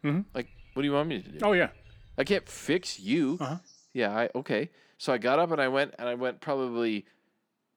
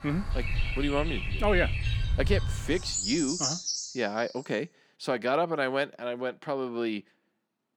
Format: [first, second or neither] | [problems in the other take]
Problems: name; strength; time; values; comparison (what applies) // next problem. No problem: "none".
first | animal sounds; loud; until 4 s; 1 dB below the speech; faint in the first